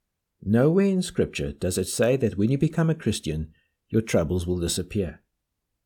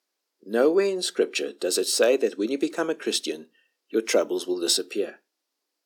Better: first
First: none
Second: thin; somewhat; fading below 300 Hz

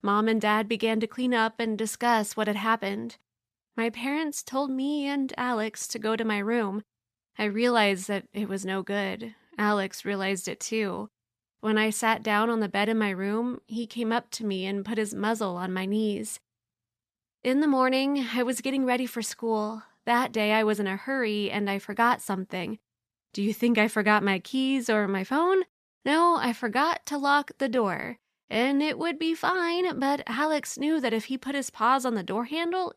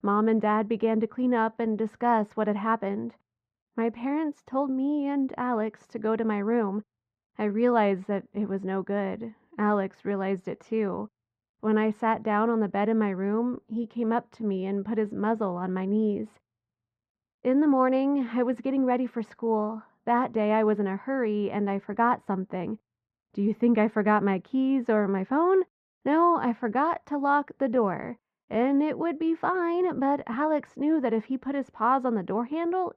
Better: first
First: none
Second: muffled; very; fading above 3.5 kHz

